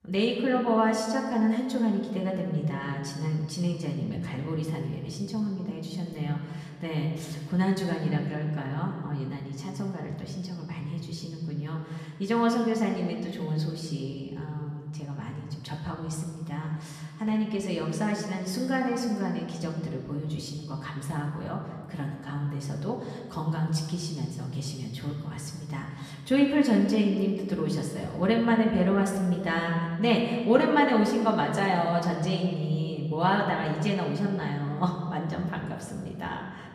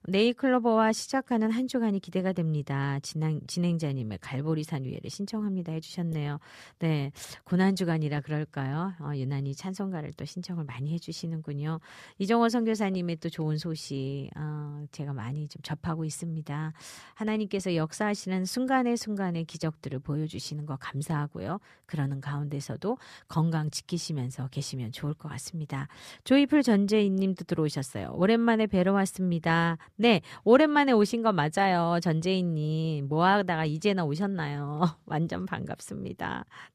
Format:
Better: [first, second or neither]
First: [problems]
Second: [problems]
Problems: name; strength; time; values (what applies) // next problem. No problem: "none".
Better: second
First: room echo; noticeable; dies away in 1.6 s // off-mic speech; far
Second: none